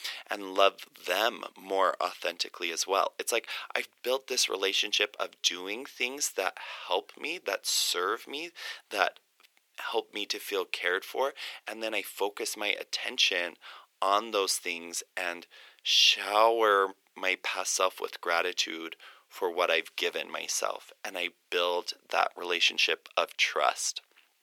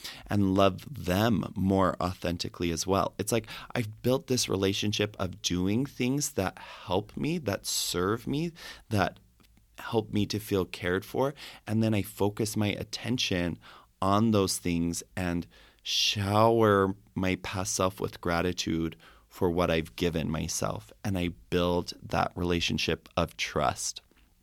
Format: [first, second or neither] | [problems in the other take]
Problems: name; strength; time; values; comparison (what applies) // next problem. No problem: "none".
second | thin; very; fading below 450 Hz